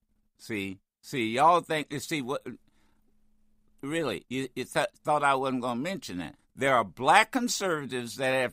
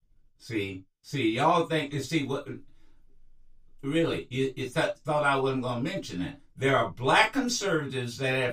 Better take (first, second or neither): first